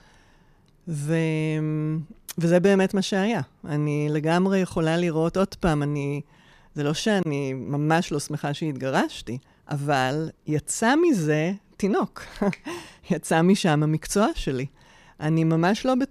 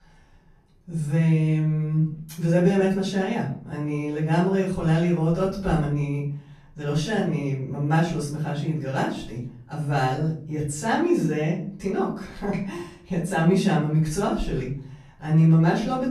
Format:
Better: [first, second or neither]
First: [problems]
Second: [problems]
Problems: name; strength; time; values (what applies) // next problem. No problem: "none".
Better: first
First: none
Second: off-mic speech; far // room echo; noticeable; dies away in 0.5 s